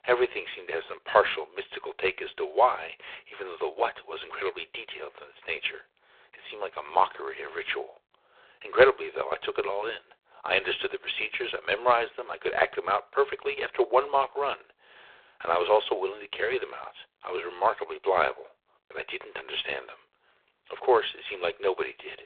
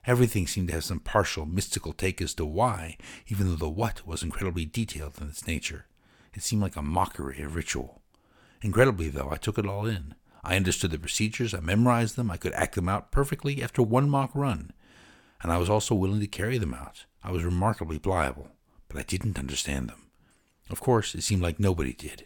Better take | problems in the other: second | phone-call audio; poor line

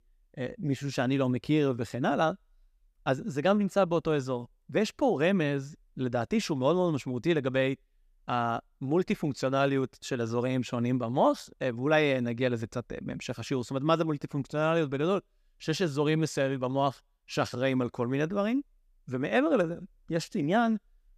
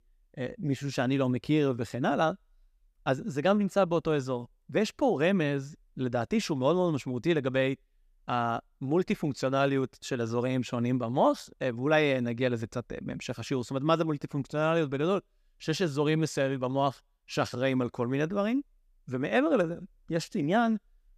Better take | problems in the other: neither | none

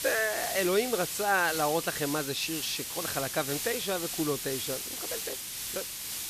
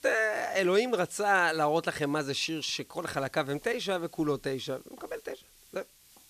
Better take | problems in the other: second | hiss; loud; throughout; 3 dB below the speech; faint in the second

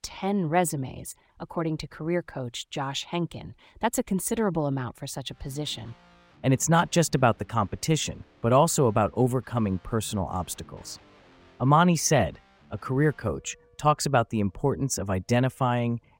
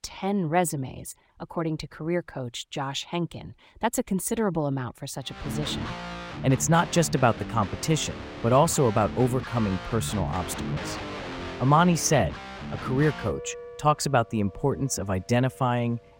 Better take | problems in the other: first | background music; loud; from 5.5 s on; 10 dB below the speech; faint in the first

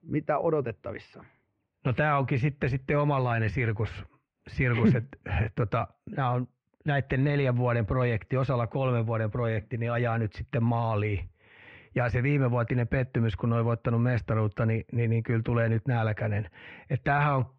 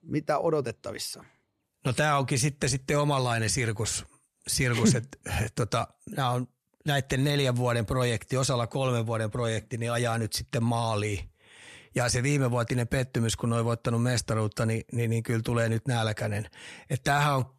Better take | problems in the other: second | muffled; very; fading above 2.5 kHz

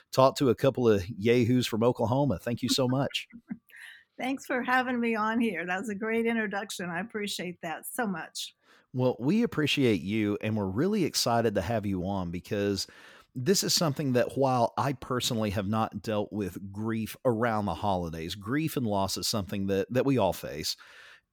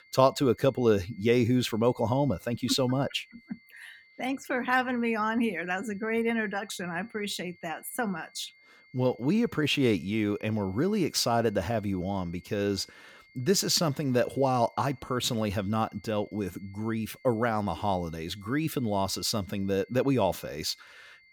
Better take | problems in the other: first | high-pitched whine; faint; throughout; 2 kHz, 30 dB below the speech

